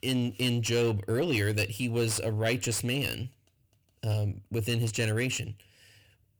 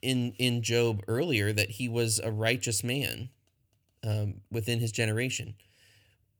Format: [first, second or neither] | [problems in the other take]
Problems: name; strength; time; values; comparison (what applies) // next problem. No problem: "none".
second | distortion; slight; 10 dB below the speech